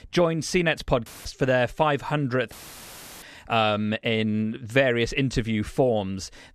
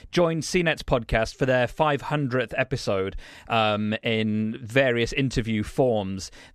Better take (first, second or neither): second